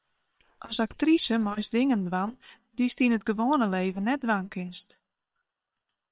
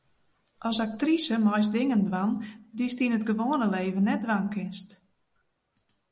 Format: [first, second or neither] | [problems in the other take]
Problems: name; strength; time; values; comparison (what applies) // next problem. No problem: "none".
second | noise reduction (neural separator model SepFormer WHAM!)